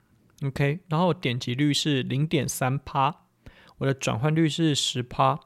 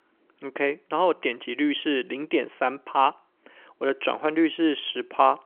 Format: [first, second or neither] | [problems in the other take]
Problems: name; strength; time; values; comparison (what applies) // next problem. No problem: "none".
first | phone-call audio; nothing above 3.5 kHz